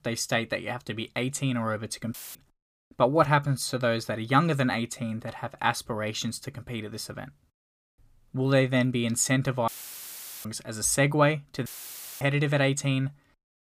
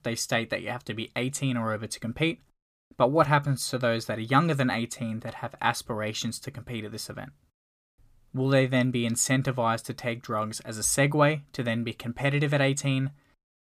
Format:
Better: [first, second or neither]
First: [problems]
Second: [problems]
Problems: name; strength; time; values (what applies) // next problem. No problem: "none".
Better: second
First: audio cutting out; filled with static; at 2 s, at 9.5 s for 1 s and at 12 s for 0.5 s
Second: none